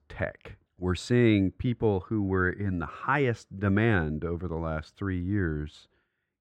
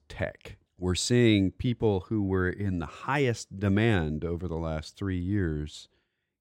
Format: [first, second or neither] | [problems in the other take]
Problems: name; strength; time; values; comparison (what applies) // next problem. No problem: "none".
second | muffled; slightly; fading above 3.5 kHz